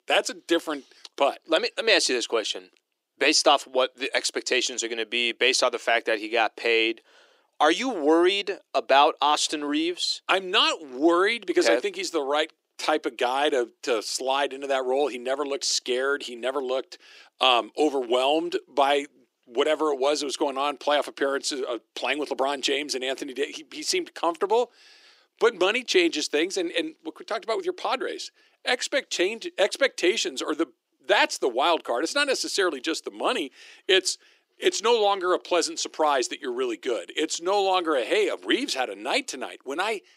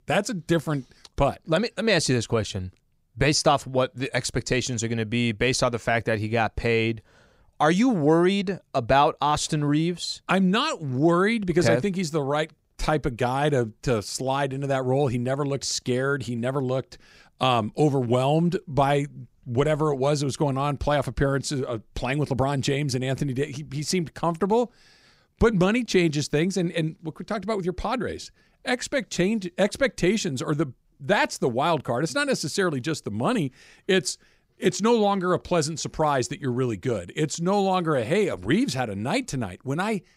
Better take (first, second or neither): second